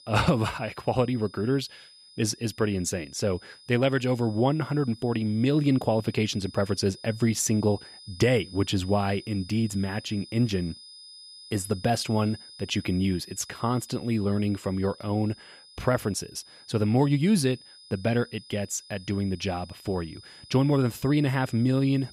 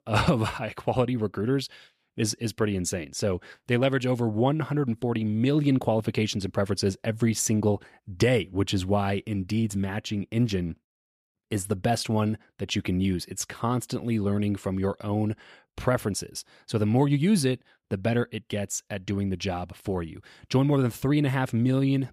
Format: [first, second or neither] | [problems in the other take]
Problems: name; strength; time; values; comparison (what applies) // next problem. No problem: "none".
second | high-pitched whine; noticeable; throughout; 5 kHz, 20 dB below the speech